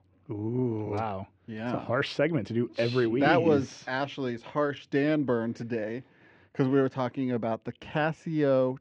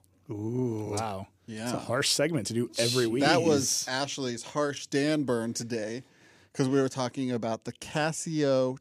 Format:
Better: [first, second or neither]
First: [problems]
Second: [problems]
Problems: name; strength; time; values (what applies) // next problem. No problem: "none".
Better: second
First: muffled; very; fading above 2.5 kHz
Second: none